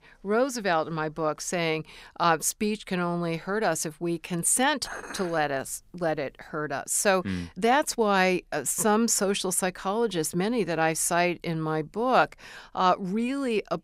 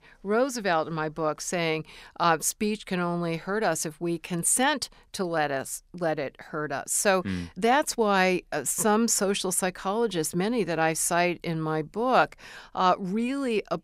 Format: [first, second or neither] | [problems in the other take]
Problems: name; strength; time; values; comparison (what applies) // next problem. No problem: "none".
second | clattering dishes; faint; from 5 to 6.5 s; peak 10 dB below the speech